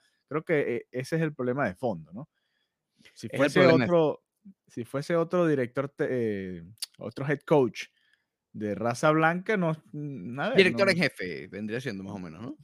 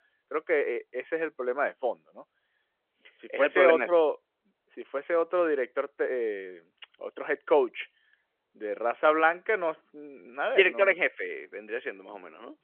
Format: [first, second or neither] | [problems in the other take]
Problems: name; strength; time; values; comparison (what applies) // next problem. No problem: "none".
first | phone-call audio